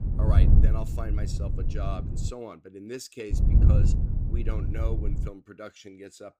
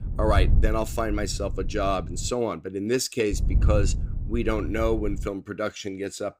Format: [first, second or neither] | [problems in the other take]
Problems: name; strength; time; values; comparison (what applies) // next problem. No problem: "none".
second | wind noise on the microphone; heavy; until 2.5 s and from 3.5 to 5.5 s; 1 dB below the speech; occasional gusts in the second